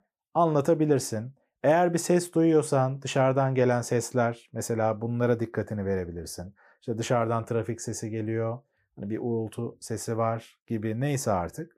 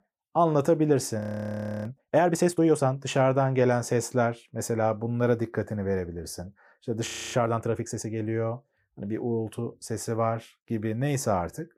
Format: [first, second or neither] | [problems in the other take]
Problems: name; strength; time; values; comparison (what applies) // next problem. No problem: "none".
first | audio freezing; at 1 s for 0.5 s and at 7 s